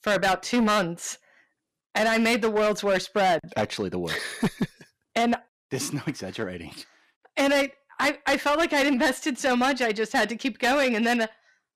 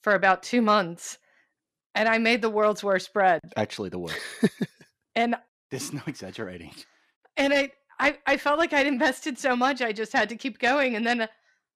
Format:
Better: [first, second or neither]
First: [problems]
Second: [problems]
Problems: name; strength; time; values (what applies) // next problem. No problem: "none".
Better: second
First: distortion; heavy; 11% of the sound clipped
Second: none